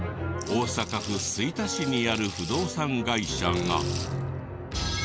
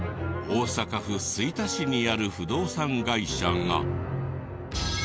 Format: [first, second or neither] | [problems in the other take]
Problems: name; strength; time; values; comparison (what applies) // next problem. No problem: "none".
second | background sound (Rattle / Rattle (instrument)); 13 dB below the speech